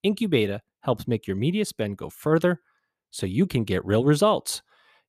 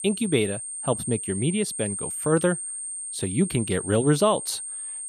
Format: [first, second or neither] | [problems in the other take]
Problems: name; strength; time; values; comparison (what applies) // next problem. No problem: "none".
first | high-pitched whine; loud; throughout; 8.5 kHz, 5 dB below the speech